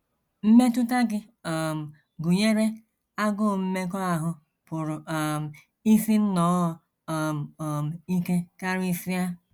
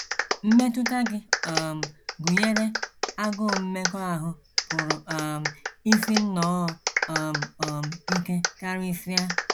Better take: first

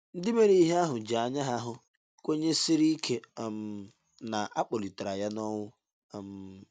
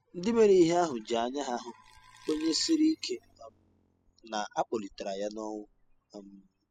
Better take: first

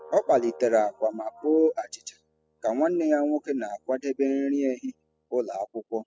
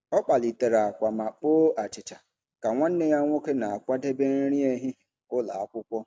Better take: second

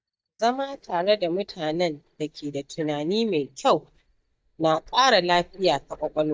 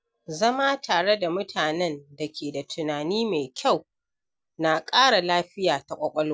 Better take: second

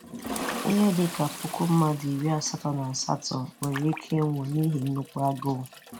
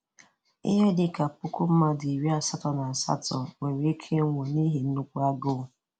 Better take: second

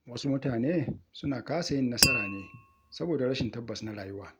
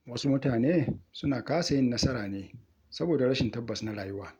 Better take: second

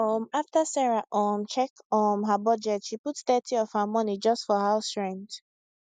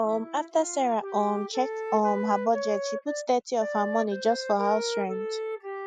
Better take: first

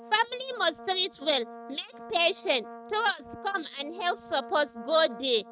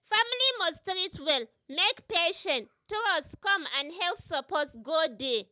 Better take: second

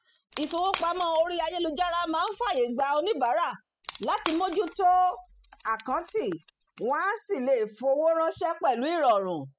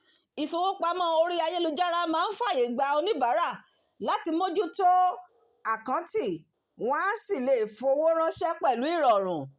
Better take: second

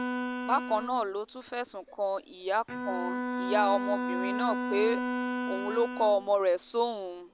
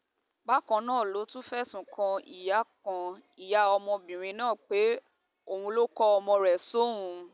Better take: second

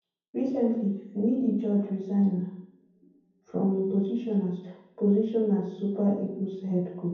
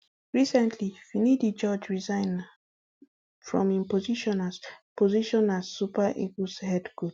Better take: second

